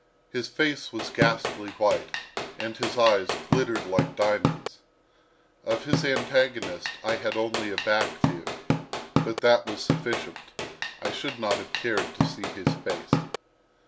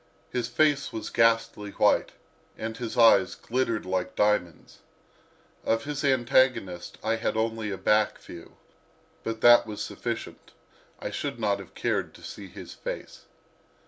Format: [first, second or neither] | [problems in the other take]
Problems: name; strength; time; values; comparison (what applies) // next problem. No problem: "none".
second | background sound (Drum / Drum kit); 1 dB below the speech